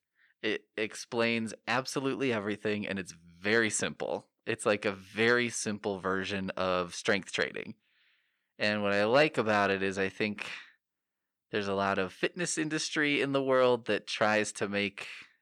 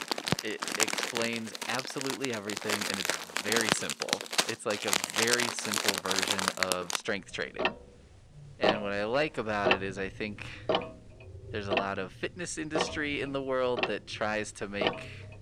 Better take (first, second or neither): first